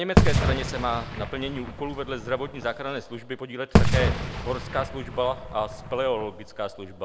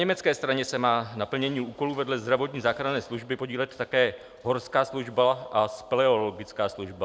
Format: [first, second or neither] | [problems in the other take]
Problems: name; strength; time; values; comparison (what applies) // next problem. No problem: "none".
second | background sound (Fireworks); 4 dB above the speech